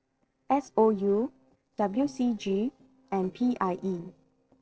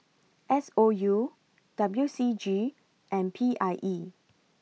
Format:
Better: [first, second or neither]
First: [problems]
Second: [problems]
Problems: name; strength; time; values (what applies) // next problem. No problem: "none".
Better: second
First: noise reduction (neural separator model SepFormer DNS4)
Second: none